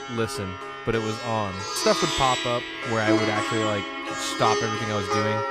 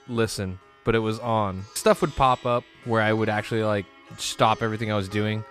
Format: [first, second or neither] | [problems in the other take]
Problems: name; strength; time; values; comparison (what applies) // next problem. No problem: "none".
second | background music; loud; throughout; as loud as the speech; faint in the second